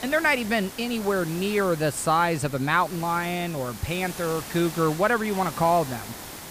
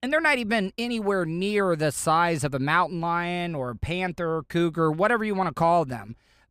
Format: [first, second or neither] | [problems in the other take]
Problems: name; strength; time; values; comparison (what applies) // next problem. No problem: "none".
second | hiss; noticeable; throughout; 15 dB below the speech